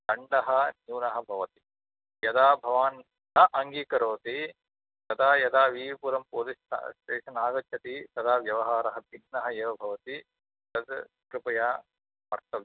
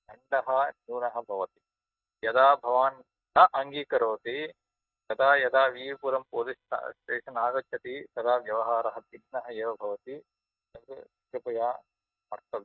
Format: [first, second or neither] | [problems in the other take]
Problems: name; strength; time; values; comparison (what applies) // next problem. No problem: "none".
first | noise reduction (neural mask model DeepFilterNet 3)